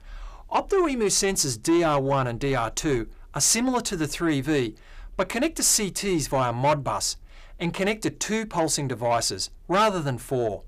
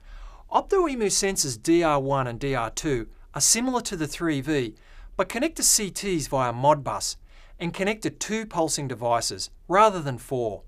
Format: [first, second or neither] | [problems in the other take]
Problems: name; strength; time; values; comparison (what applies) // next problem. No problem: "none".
second | distortion; slight; 10 dB below the speech